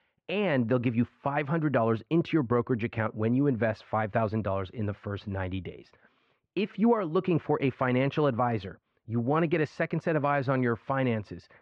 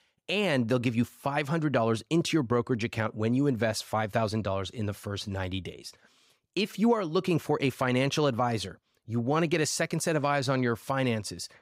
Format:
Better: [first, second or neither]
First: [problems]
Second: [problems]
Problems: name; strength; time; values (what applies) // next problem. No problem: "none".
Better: second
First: muffled; very; fading above 2.5 kHz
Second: none